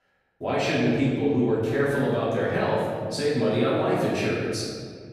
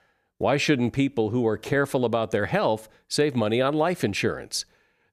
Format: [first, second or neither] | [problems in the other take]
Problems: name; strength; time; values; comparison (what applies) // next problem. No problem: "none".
second | off-mic speech; far // room echo; strong; dies away in 1.8 s